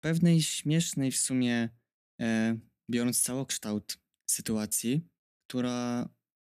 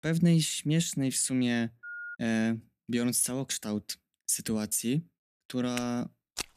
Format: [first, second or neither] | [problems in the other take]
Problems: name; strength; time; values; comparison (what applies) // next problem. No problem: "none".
first | phone ringing; faint; at 2 s; peak 10 dB below the speech // footsteps; noticeable; at 6 s; peak 9 dB below the speech